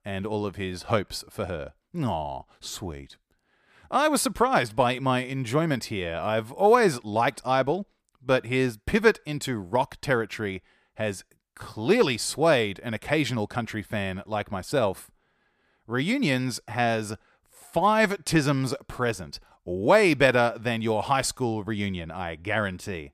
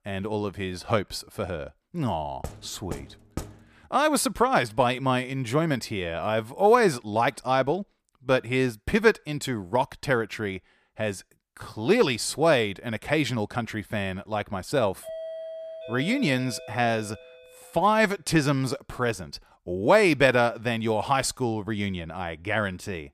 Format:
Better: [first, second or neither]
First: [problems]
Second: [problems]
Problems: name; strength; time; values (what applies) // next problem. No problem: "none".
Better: first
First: none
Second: door banging; faint; from 2.5 to 3.5 s; peak 15 dB below the speech // doorbell; faint; from 15 to 18 s; peak 10 dB below the speech